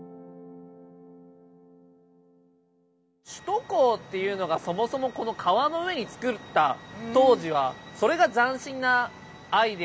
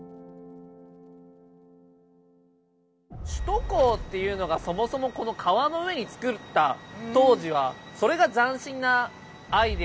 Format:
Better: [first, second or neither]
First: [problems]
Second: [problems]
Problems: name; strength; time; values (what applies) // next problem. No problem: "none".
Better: first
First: none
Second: background sound (Fire); 13 dB below the speech